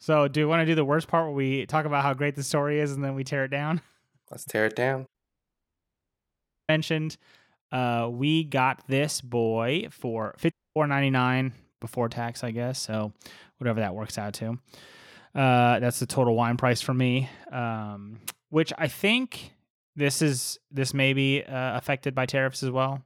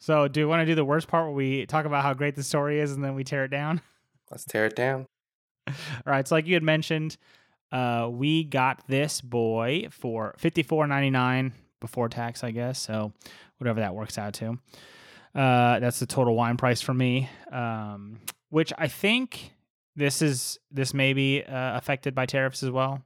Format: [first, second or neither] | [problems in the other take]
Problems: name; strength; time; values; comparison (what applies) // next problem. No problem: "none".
second | audio cutting out; at 5 s for 1.5 s and at 11 s